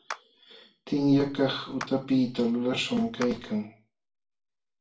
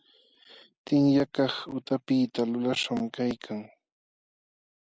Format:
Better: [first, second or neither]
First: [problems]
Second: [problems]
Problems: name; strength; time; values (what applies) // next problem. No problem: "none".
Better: second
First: background sound (Clapping); 18 dB below the speech // room echo; dies away in 0.3 s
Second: none